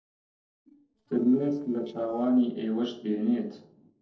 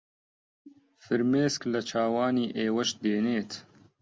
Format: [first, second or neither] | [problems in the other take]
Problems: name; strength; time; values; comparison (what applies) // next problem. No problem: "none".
second | noise reduction (neural separator model SepFormer DNS4)